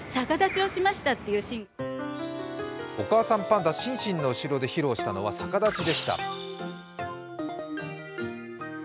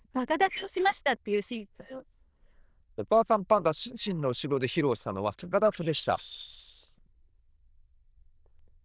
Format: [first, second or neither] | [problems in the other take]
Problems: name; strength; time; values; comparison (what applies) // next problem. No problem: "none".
first | noise reduction (neural diffusion model UNIVERSE++)